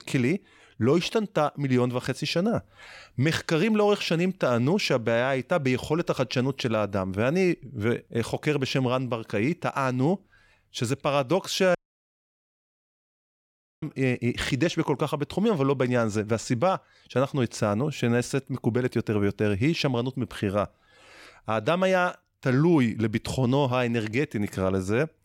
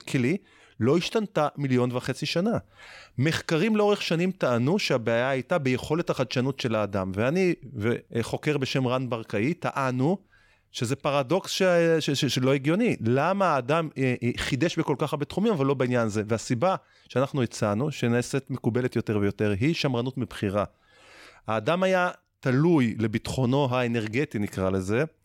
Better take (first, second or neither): second